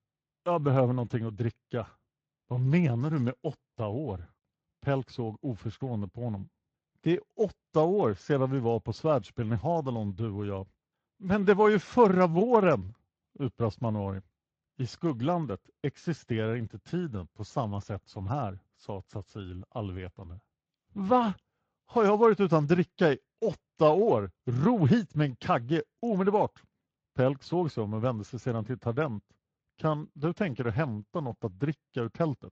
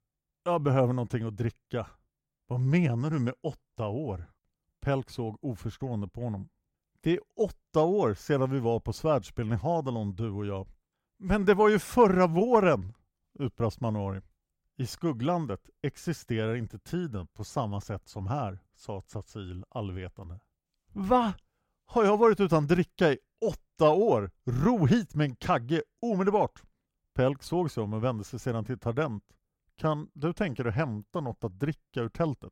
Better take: second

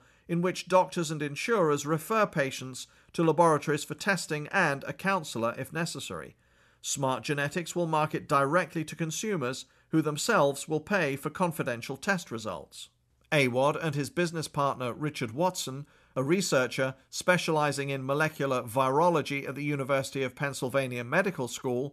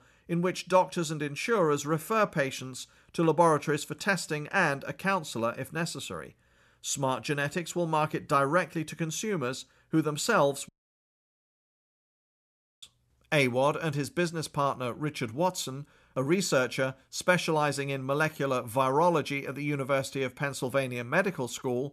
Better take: first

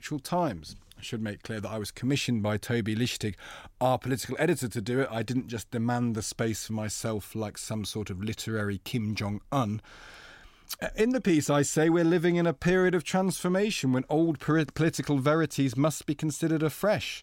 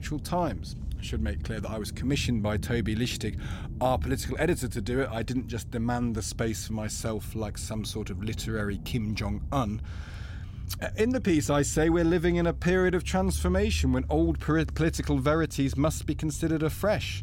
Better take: first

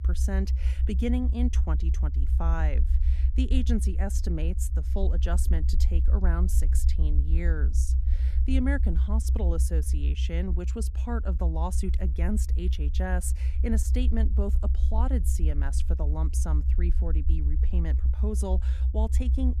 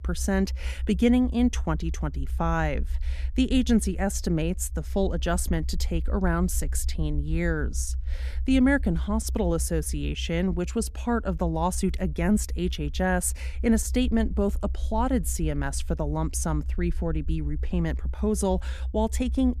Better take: second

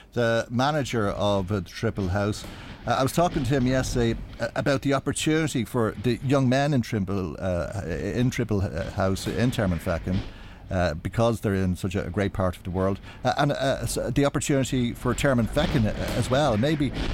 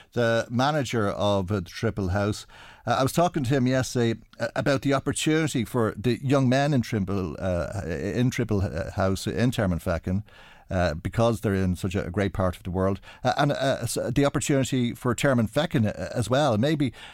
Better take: second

